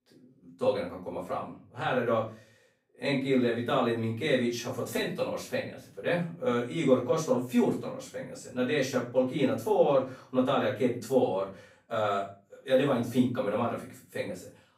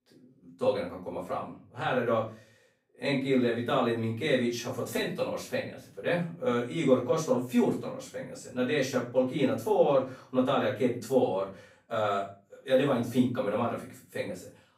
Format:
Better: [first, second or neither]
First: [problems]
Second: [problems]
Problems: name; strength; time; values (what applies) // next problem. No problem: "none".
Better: neither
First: off-mic speech; far // room echo; noticeable; dies away in 0.3 s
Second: off-mic speech; far // room echo; noticeable; dies away in 0.3 s